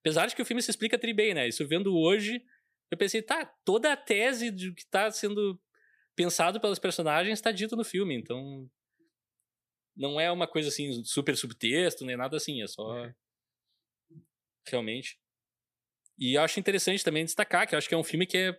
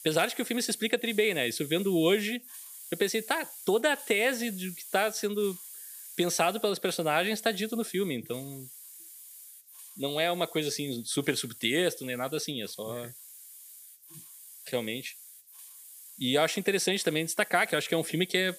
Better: first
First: none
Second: hiss; noticeable; throughout; 15 dB below the speech

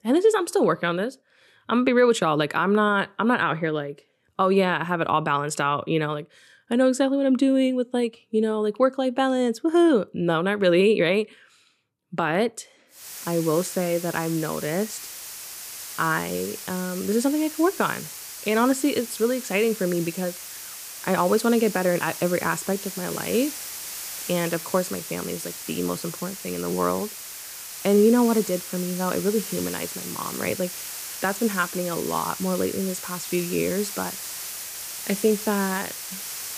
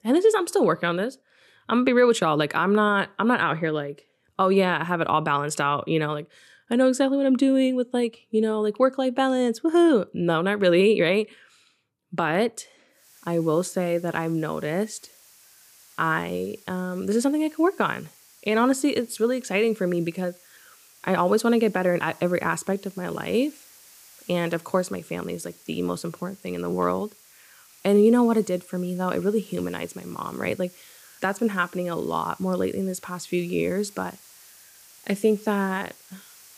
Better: second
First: hiss; loud; from 13 s on; 9 dB below the speech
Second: hiss; faint; from 13 s on; 25 dB below the speech

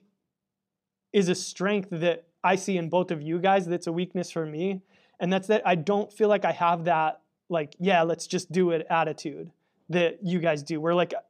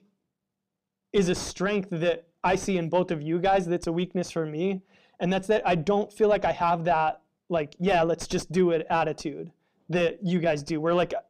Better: first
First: none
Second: distortion; slight; 9 dB below the speech

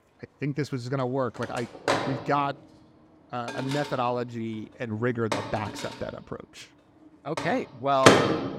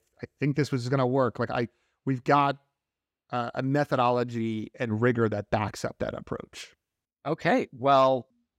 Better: second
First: household noises; very loud; throughout; 3 dB above the speech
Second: none

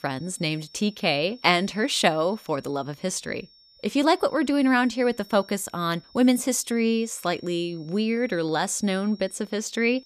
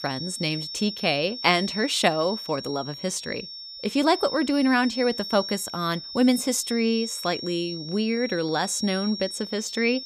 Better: first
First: high-pitched whine; faint; throughout; 5.5 kHz, 25 dB below the speech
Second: high-pitched whine; loud; throughout; 5.5 kHz, 9 dB below the speech

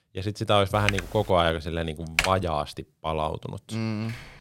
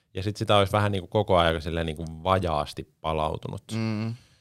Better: second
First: keyboard typing; noticeable; at 1 s; peak 2 dB below the speech // keyboard typing; loud; at 2 s; peak 1 dB above the speech // door banging; very faint; at 4 s; peak 15 dB below the speech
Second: none

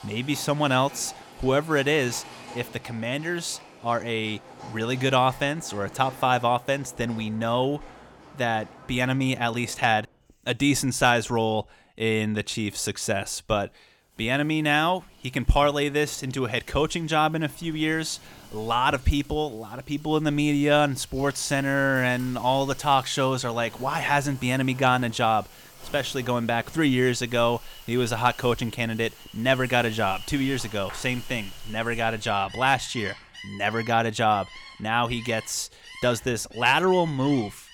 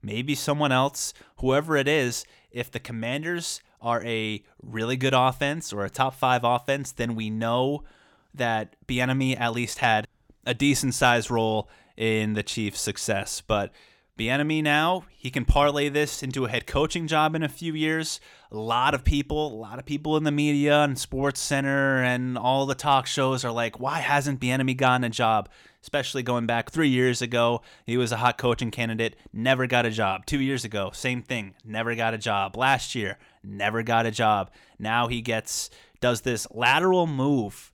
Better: second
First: animal sounds; noticeable; throughout; 20 dB below the speech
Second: none

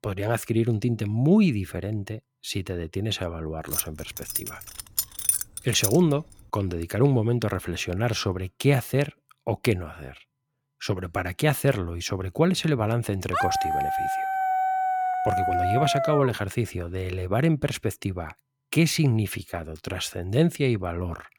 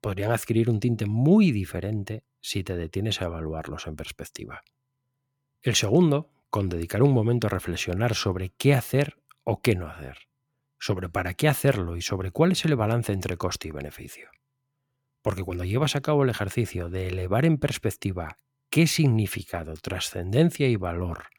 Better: second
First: jangling keys; loud; from 3.5 to 6 s; peak 3 dB above the speech // dog barking; loud; from 13 to 16 s; peak 2 dB above the speech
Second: none

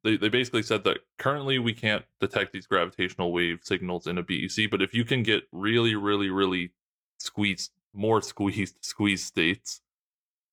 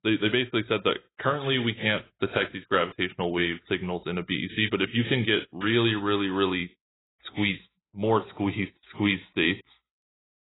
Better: first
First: none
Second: garbled, watery; badly; nothing above 3.5 kHz

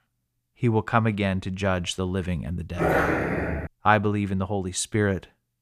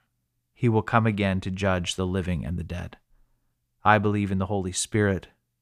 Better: second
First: dog barking; loud; at 3 s; peak 3 dB above the speech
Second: none

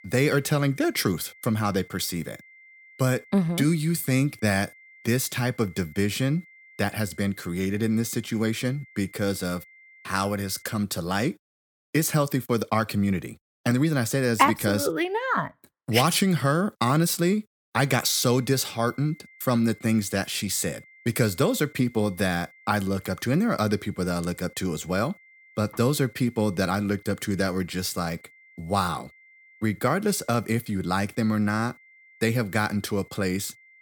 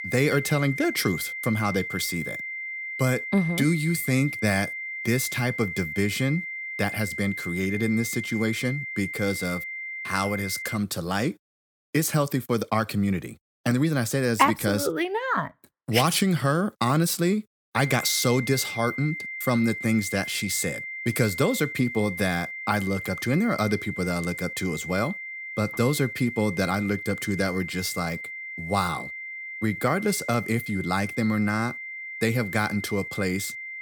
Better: first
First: high-pitched whine; faint; until 11 s and from 18 s on; 2 kHz, 25 dB below the speech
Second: high-pitched whine; loud; until 11 s and from 18 s on; 2 kHz, 7 dB below the speech

